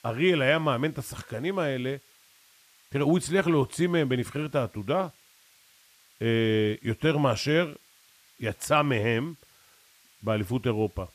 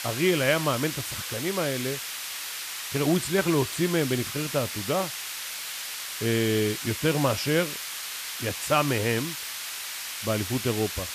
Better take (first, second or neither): first